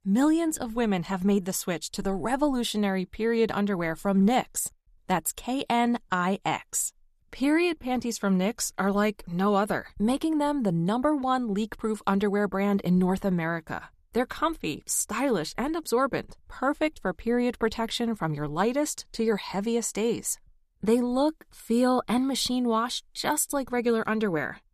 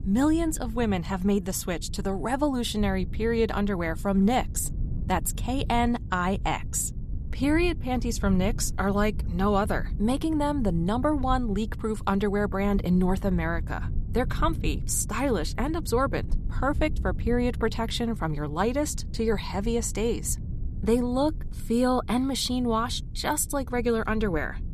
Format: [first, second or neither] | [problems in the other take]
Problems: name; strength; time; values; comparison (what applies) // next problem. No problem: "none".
first | low rumble; faint; throughout; 20 dB below the speech